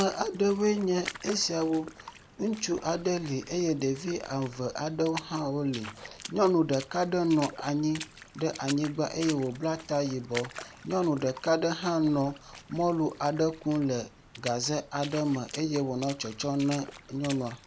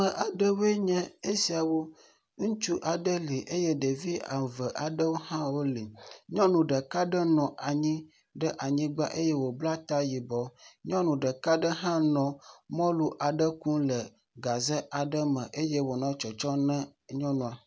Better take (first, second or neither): second